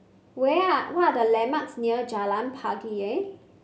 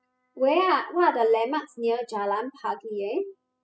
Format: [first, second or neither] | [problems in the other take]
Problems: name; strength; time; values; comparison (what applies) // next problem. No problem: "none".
first | noise reduction (classical method spectral subtraction)